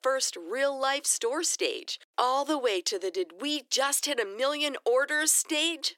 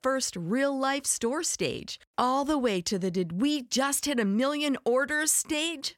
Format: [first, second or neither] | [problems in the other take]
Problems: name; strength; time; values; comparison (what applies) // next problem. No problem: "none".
second | thin; somewhat; fading below 300 Hz